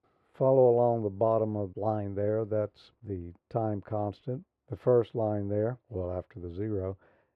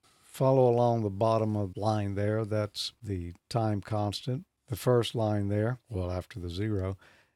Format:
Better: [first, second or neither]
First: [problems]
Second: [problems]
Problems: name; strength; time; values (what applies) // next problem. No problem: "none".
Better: second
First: muffled; very; fading above 3.5 kHz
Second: none